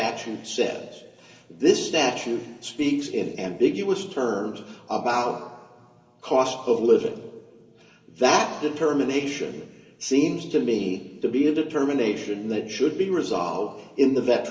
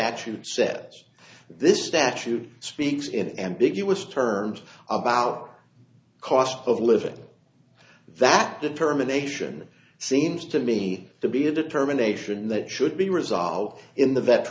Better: second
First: room echo; dies away in 2.3 s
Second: none

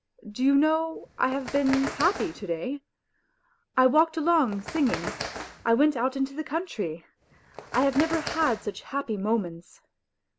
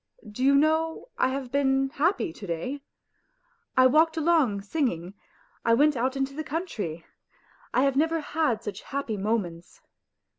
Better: second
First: background sound (Bird); 11 dB below the speech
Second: none

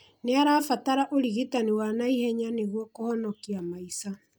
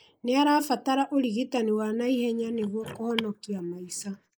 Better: first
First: none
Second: noise reduction (neural mask model Resemble Enhance denoiser)

